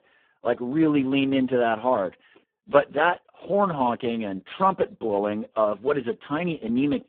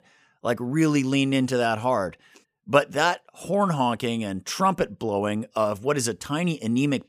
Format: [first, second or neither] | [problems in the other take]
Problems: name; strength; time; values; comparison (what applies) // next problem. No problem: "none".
second | phone-call audio; poor line